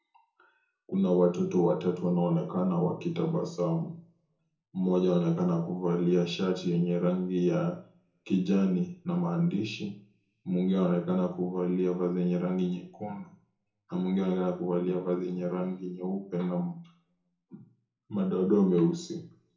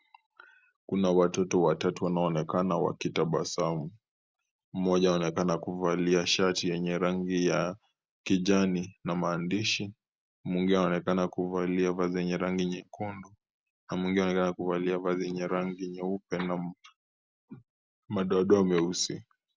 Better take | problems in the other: second | room echo; dies away in 0.6 s

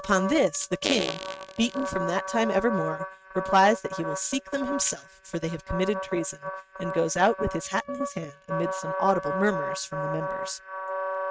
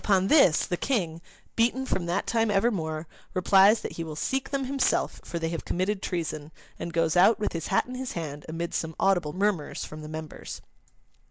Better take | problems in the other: second | noise reduction (neural mask model RNNoise)

